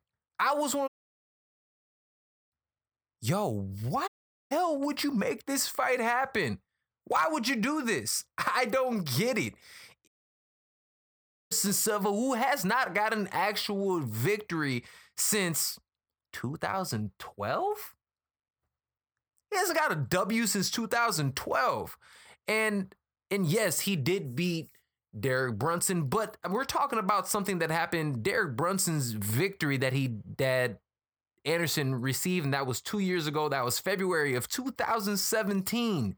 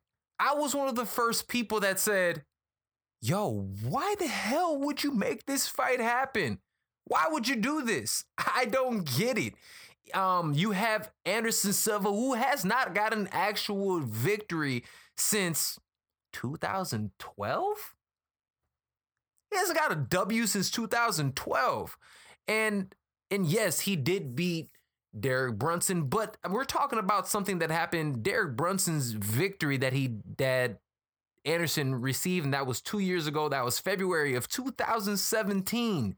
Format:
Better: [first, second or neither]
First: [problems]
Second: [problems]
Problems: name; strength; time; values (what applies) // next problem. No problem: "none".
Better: second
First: audio cutting out; at 1 s for 1.5 s, at 4 s and at 10 s for 1.5 s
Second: none